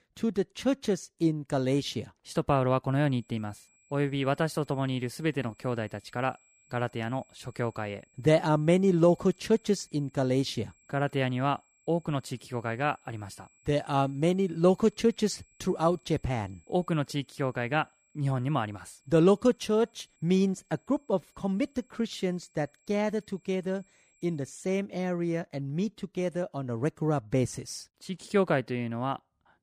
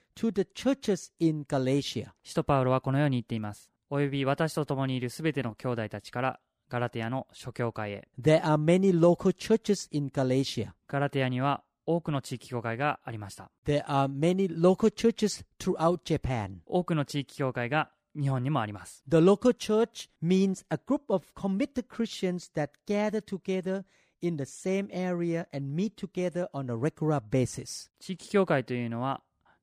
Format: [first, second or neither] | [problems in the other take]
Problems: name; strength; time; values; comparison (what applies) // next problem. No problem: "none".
second | high-pitched whine; faint; from 3 to 25 s; 7.5 kHz, 35 dB below the speech